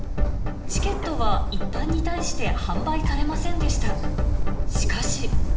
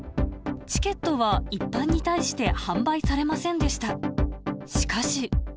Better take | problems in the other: second | background sound (Bird); 3 dB above the speech // room echo; dies away in 1.7 s

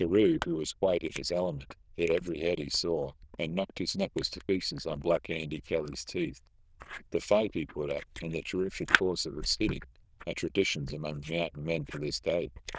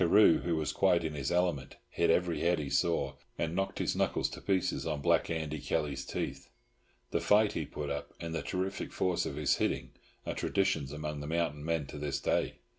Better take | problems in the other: second | noise reduction (neural diffusion model UNIVERSE++)

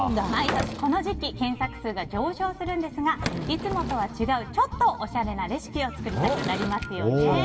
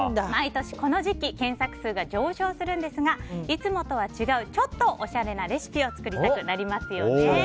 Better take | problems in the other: second | background sound (Sliding door / Wood); 10 dB below the speech // room echo; dies away in 2.4 s

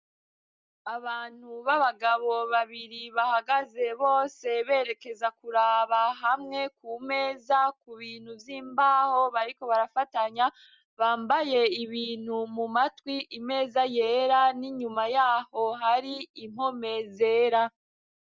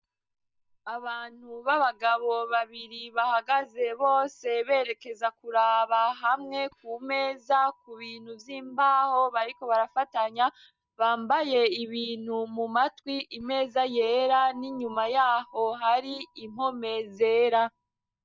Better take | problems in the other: first | noise reduction (neural mask model DeepFilterNet 3)

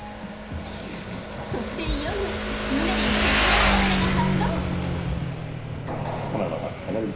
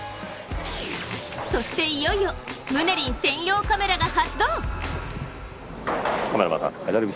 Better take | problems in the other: second | background sound (Motorcycle); 5 dB above the speech // room echo; dies away in 0.5 s

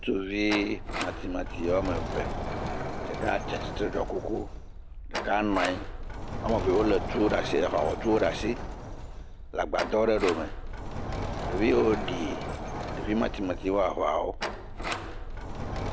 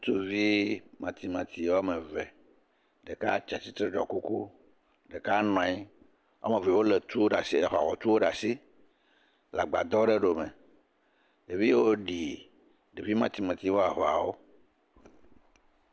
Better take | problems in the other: second | background sound (Sliding door); 4 dB below the speech

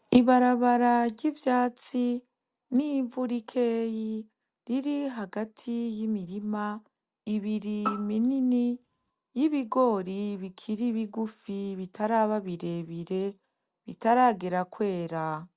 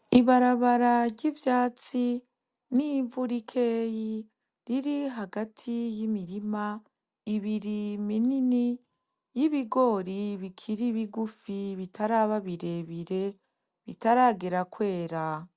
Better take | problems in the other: second | background sound (Bowed string instrument); 11 dB below the speech

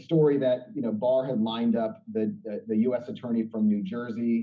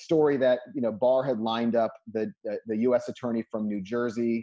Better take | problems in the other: second | room echo; dies away in 0.4 s

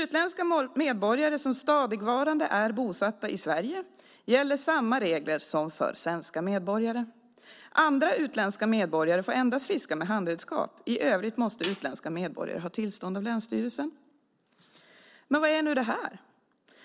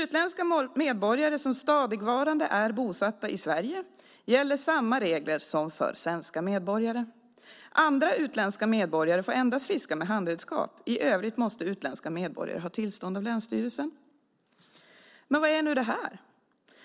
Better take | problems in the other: second | background sound (Snare drum); 16 dB below the speech

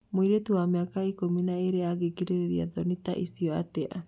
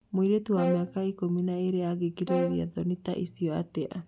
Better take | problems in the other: first | background sound (Brass instrument); 8 dB below the speech

